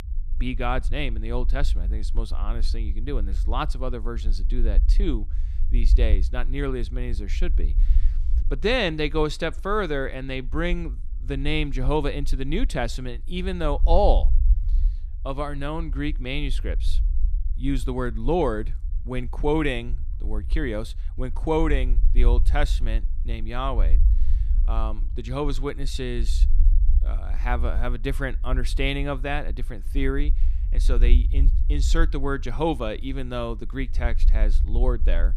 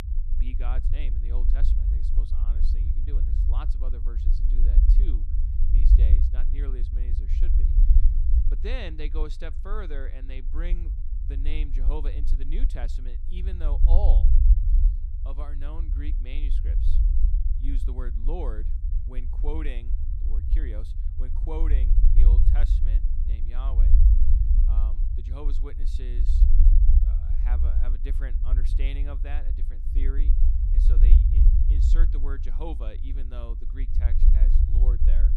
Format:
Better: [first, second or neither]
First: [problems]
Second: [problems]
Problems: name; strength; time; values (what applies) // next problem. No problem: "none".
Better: first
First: low rumble; faint; throughout; 20 dB below the speech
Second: low rumble; loud; throughout; 4 dB below the speech